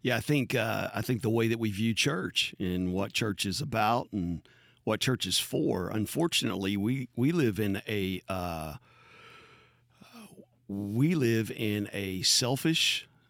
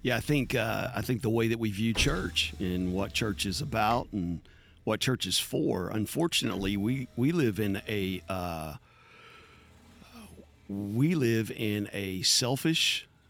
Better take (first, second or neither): first